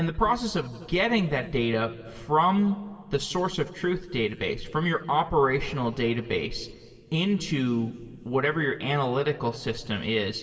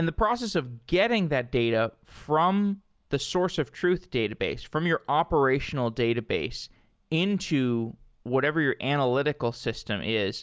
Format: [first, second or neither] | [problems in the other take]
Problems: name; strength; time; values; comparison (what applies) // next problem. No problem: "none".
second | room echo; dies away in 2.8 s